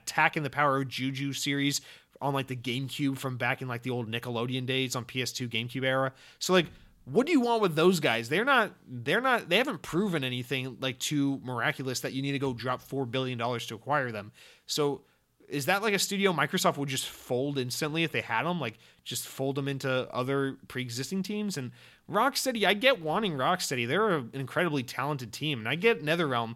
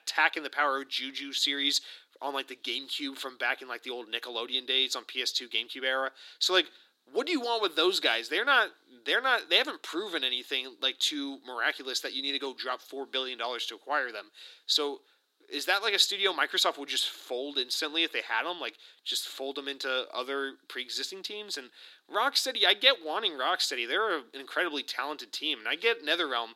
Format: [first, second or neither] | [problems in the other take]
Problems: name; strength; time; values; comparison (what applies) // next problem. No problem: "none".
first | thin; somewhat; fading below 300 Hz